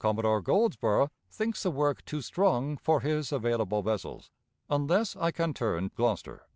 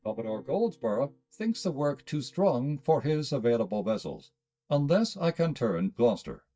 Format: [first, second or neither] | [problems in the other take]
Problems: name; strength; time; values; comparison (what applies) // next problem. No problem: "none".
first | noise reduction (neural mask model DeepFilterNet 3)